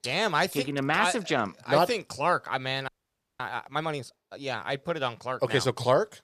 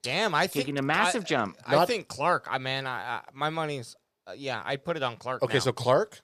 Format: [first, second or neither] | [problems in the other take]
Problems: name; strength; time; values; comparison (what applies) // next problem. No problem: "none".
second | audio freezing; at 3 s for 0.5 s